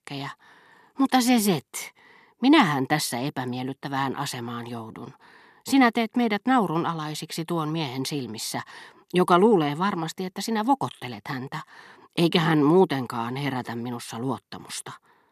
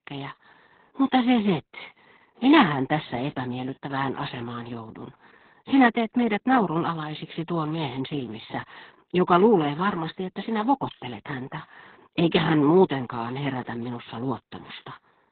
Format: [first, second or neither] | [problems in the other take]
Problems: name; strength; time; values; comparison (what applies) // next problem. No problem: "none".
first | garbled, watery; badly; nothing above 4 kHz